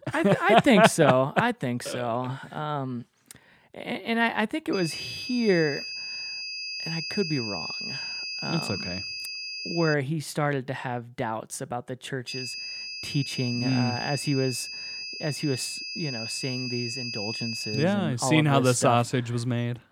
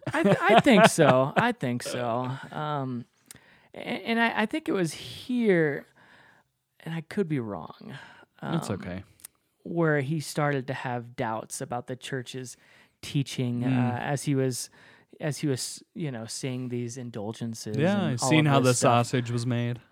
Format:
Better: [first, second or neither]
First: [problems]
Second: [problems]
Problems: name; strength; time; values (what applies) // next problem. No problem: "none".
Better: second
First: high-pitched whine; loud; from 4.5 to 10 s and from 12 to 18 s; 5 kHz, 6 dB below the speech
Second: none